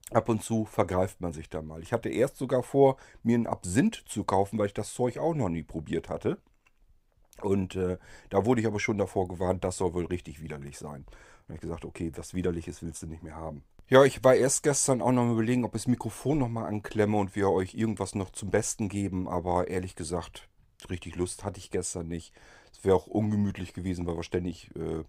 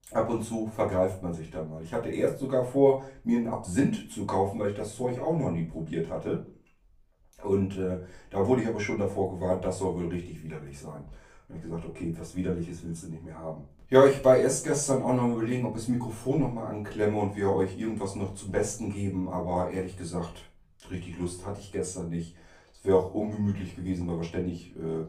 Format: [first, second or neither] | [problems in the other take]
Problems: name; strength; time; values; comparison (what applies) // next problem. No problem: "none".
first | room echo; slight; dies away in 0.3 s // off-mic speech; far